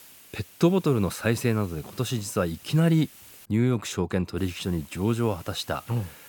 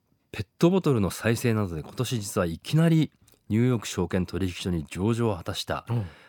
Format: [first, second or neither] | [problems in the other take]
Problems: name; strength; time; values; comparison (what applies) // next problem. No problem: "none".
second | hiss; faint; until 3.5 s and from 4.5 s on; 20 dB below the speech